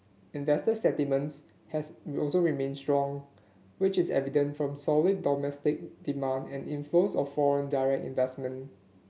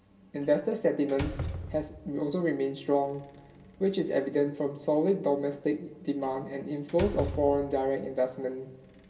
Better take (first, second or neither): first